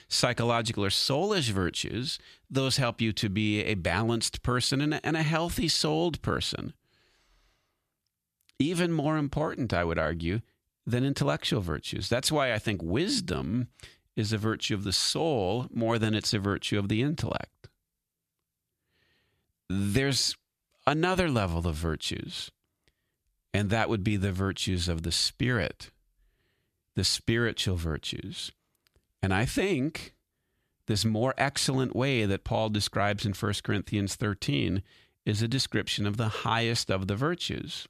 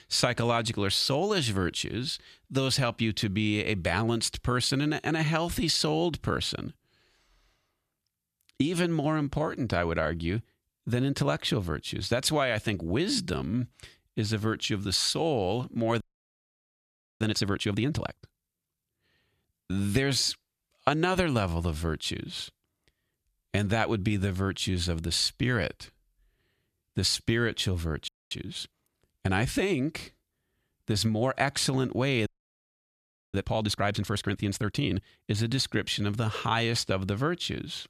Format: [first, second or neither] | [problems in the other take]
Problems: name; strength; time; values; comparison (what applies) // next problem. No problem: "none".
first | audio freezing; at 16 s for 1 s, at 28 s and at 32 s for 1 s